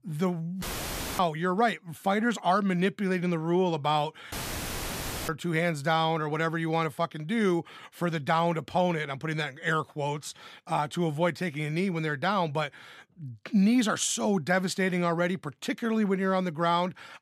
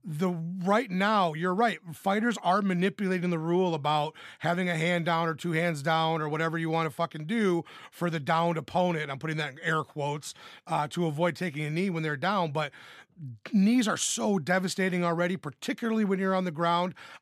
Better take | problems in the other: second | audio cutting out; filled with static; at 0.5 s for 0.5 s and at 4.5 s for 1 s

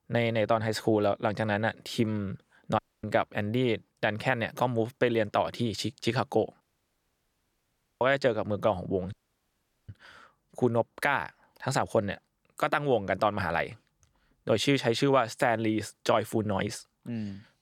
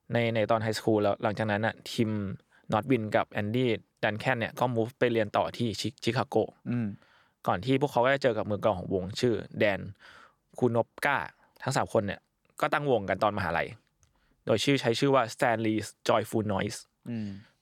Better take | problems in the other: second | audio cutting out; at 3 s, at 6.5 s for 1.5 s and at 9 s for 1 s

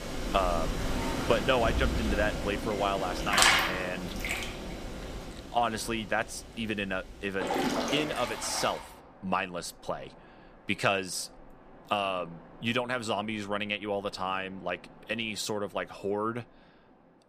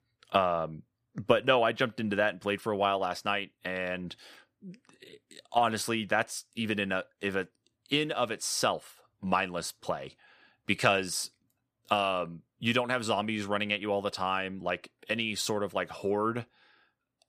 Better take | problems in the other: second | rain or running water; very loud; throughout; 1 dB above the speech

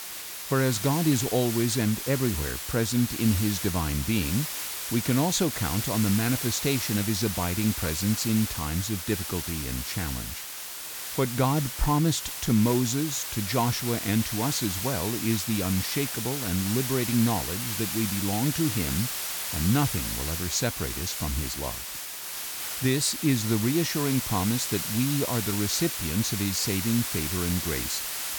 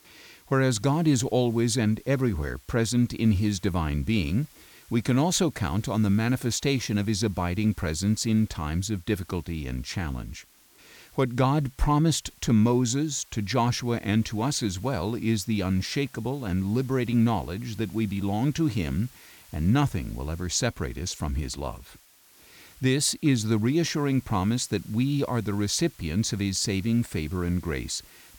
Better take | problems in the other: second | hiss; loud; throughout; 3 dB below the speech; faint in the second

